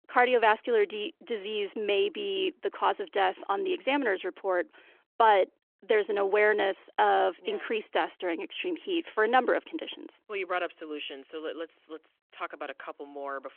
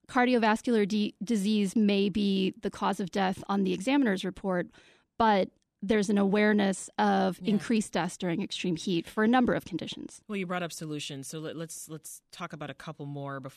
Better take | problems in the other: second | phone-call audio

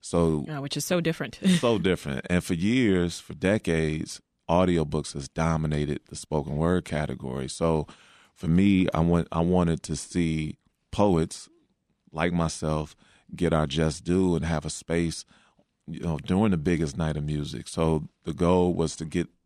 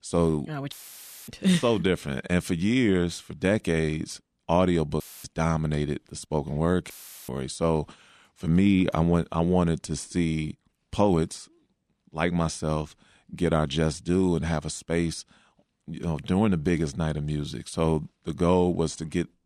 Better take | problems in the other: first | audio cutting out; filled with static; at 0.5 s for 0.5 s, at 5 s and at 7 s

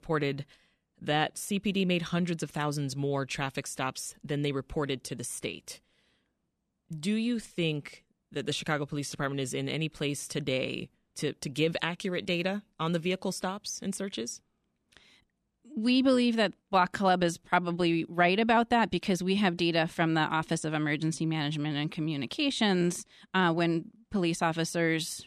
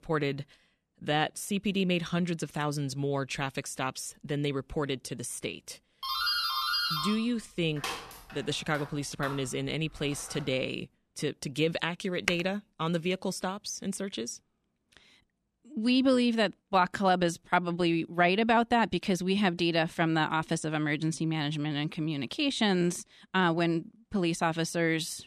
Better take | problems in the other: first | doorbell; loud; from 6 to 10 s; peak 3 dB above the speech // keyboard typing; very faint; at 12 s; peak 4 dB below the speech

